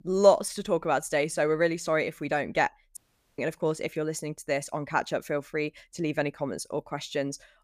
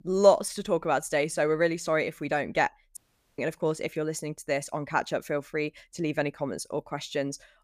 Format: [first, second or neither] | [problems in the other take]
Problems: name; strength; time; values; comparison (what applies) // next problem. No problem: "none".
neither | audio cutting out; at 3 s; the same in both